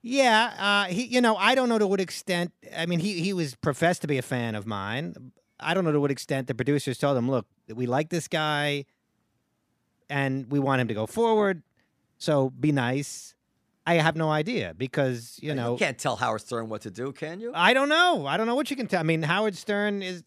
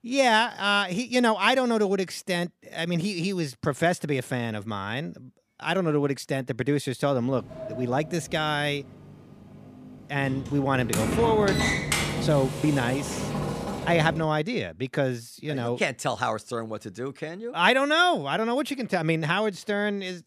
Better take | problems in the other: first | door banging; loud; from 7.5 to 14 s; peak 2 dB above the speech

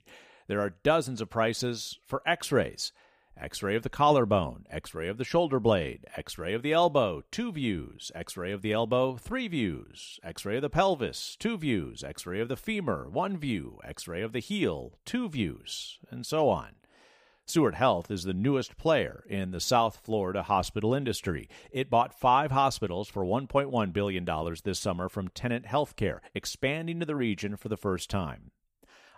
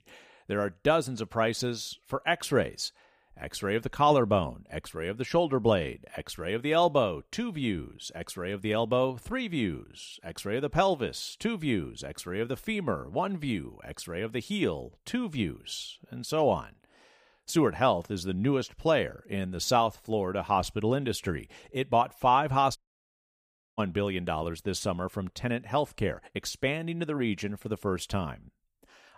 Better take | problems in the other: first | audio cutting out; at 23 s for 1 s

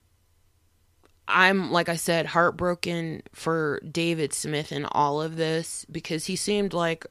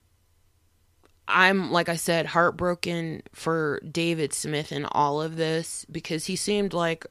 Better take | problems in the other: neither | none

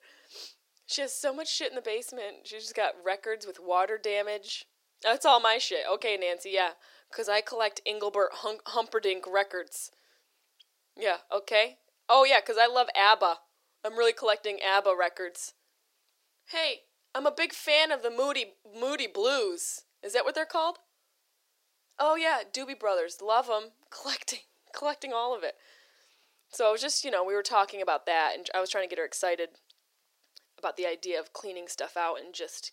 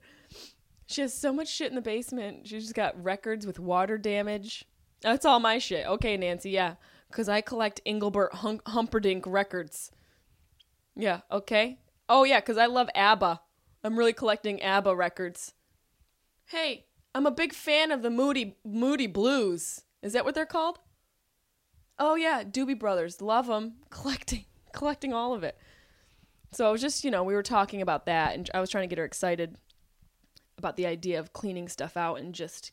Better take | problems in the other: second | thin; very; fading below 400 Hz

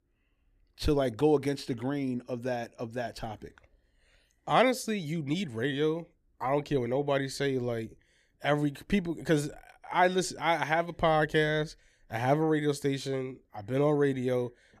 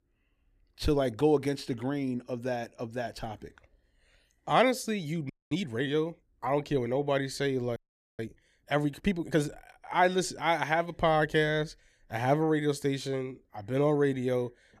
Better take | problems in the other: first | audio freezing; at 5.5 s and at 8 s

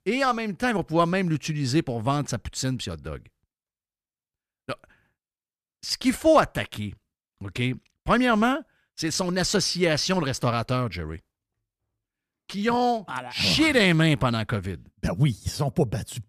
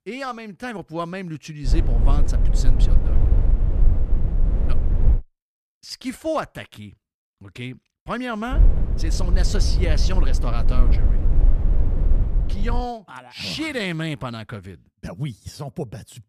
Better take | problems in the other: first | low rumble; loud; from 1.5 to 5 s and from 8.5 to 13 s; 8 dB below the speech

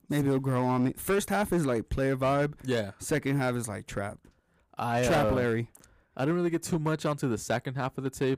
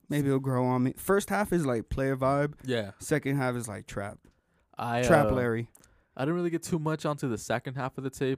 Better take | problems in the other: second | distortion; slight; 7% of the sound clipped

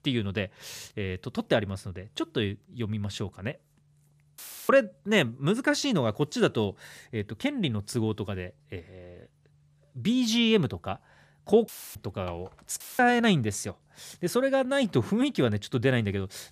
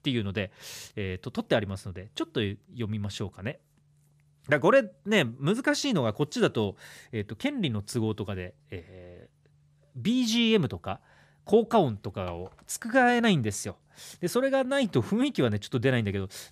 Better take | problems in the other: second | audio cutting out; filled with static; at 4.5 s, at 12 s and at 13 s

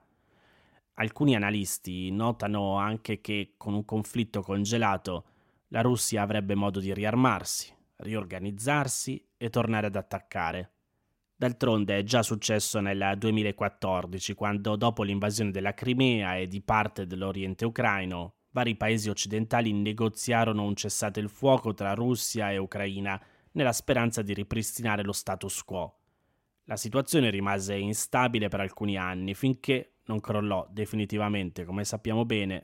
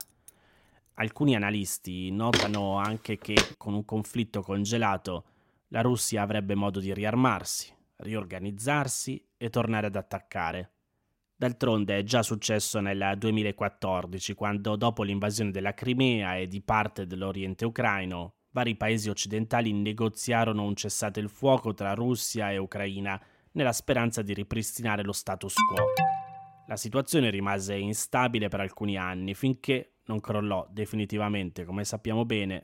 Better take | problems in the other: first | jangling keys; faint; at the start; peak 15 dB below the speech // footsteps; loud; from 2.5 to 3.5 s; peak 4 dB above the speech // alarm; loud; at 26 s; peak 5 dB above the speech

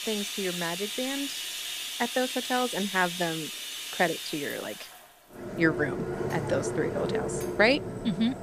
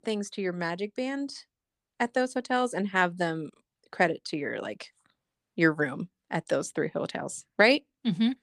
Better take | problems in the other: second | household noises; loud; throughout; 4 dB below the speech

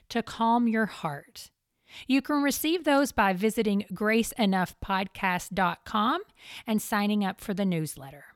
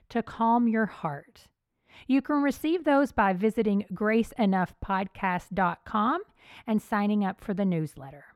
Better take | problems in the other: first | muffled; slightly; fading above 2.5 kHz

